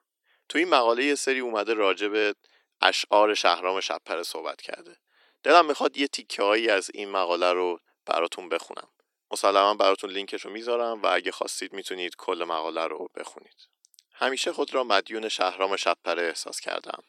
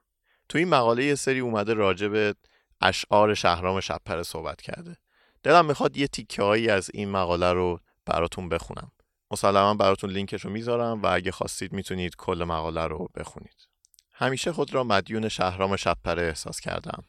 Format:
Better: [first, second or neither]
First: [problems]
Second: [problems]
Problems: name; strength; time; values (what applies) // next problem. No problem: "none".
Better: second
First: thin; somewhat; fading below 300 Hz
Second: none